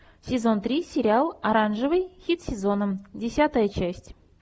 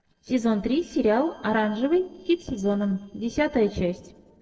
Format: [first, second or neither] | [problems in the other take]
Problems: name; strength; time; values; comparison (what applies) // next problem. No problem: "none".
first | noise reduction (neural separator model SepFormer DNS4)